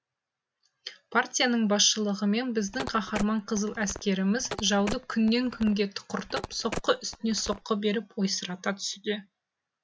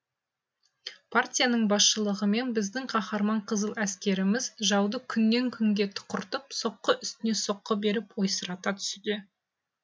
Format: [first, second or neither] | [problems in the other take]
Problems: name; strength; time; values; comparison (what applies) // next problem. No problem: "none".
second | background sound (Telephone); 11 dB below the speech